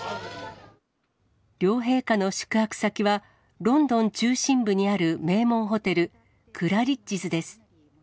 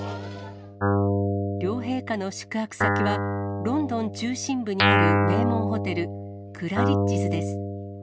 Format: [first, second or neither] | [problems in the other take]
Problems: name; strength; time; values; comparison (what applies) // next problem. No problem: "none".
first | background sound (Guitar); 5 dB above the speech